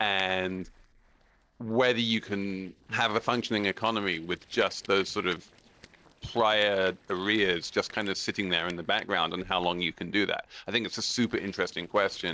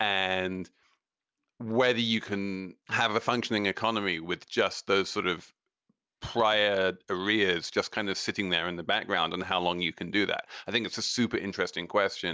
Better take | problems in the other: second | noise reduction (neural separator model SepFormer DNS4)

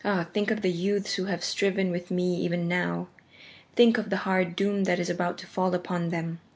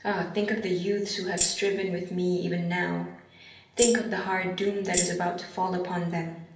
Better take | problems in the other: first | background sound (Tambourine); 3 dB below the speech // room echo; dies away in 0.8 s

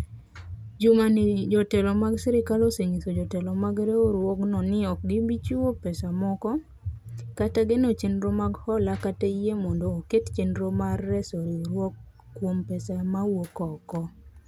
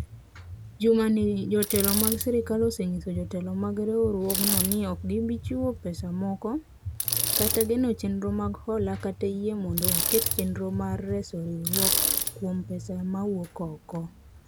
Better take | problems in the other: first | background sound (Bicycle); 4 dB below the speech

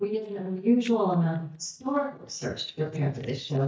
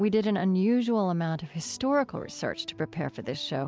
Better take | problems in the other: second | noise reduction (neural mask model DeepFilterNet 3)

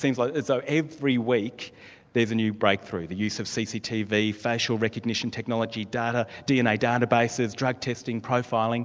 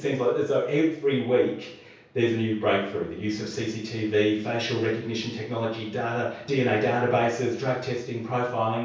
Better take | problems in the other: first | room echo; dies away in 0.6 s

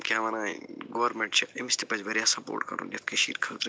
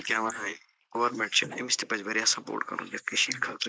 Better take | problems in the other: first | noise reduction (neural mask model Resemble Enhance denoiser)

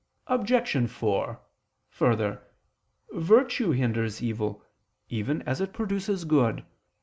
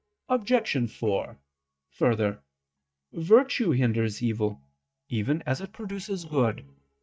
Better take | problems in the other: first | noise reduction (neural mask model DeepFilterNet 3)

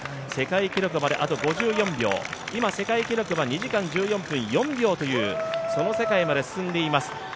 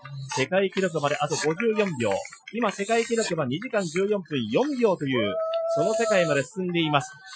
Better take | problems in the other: first | noise reduction (classical method Wiener filter)

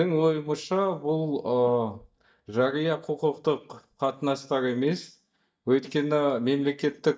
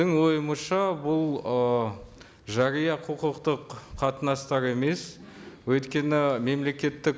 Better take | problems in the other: second | noise reduction (neural mask model DeepFilterNet 3)

